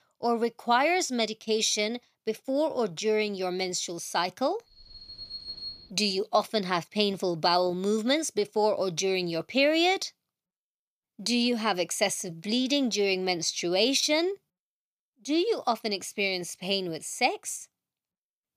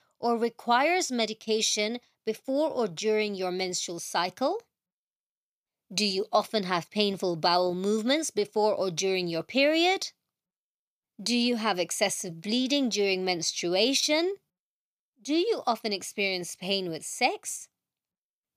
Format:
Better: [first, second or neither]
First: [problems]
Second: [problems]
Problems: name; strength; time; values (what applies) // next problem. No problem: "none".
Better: second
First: alarm; noticeable; from 5 to 6 s; peak 9 dB below the speech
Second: none